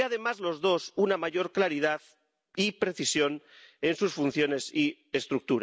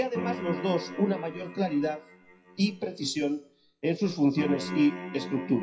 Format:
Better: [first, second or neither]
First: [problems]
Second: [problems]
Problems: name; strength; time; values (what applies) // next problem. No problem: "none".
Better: first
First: none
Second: noise reduction (classical method WPE with log-MMSE)